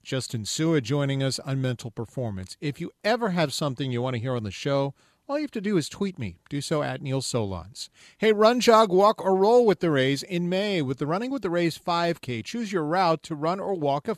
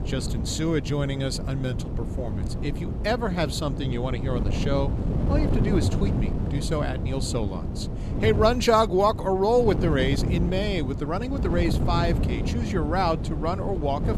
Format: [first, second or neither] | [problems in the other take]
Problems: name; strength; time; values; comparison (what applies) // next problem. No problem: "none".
first | wind noise on the microphone; heavy; 10 dB below the speech